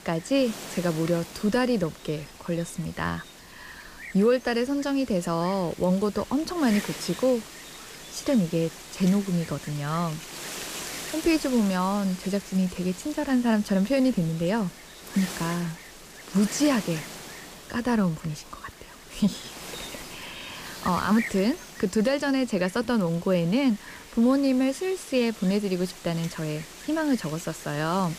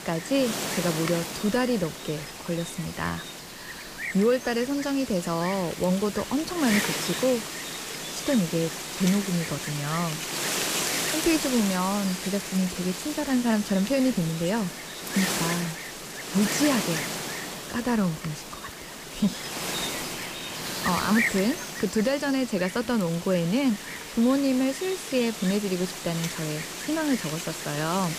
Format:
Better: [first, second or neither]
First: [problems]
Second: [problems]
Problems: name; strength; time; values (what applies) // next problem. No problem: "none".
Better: first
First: wind noise on the microphone; occasional gusts; 10 dB below the speech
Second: wind noise on the microphone; heavy; 2 dB below the speech